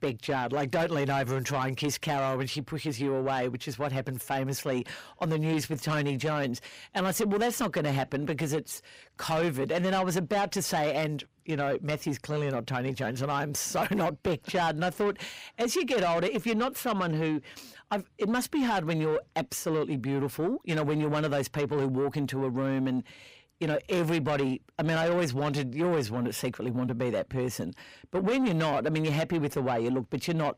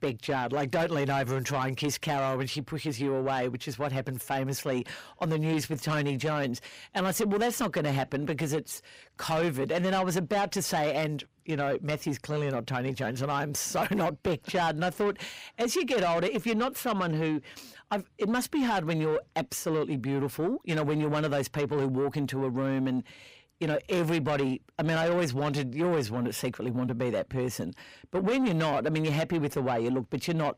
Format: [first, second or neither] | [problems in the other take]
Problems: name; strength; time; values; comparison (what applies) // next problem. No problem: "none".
neither | distortion; slight; 10 dB below the speech; the same in both